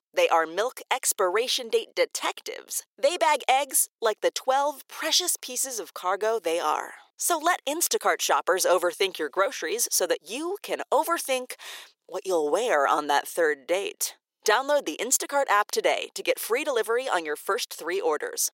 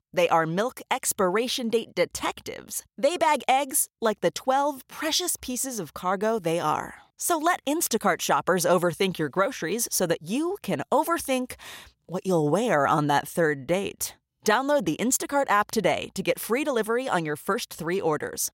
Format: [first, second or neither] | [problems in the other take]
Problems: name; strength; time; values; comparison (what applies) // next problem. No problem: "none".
second | thin; somewhat; fading below 400 Hz